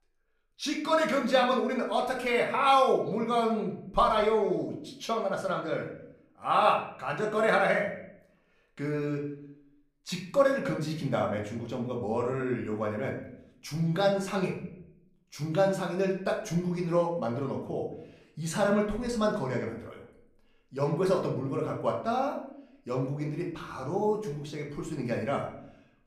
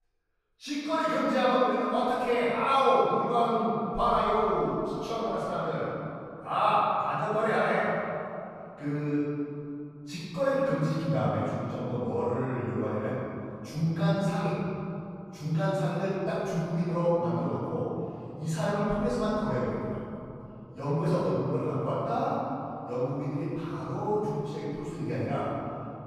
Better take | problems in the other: first | room echo; strong; dies away in 3 s; slight in the first // off-mic speech; far; somewhat distant in the first

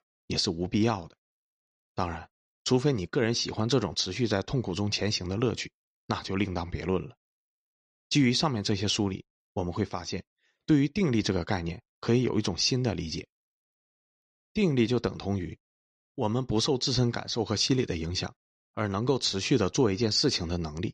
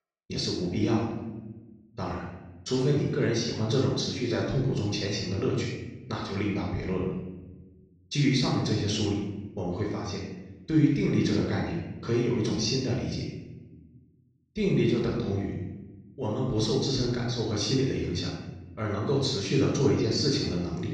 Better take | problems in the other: first | off-mic speech; far // room echo; noticeable; dies away in 1 s

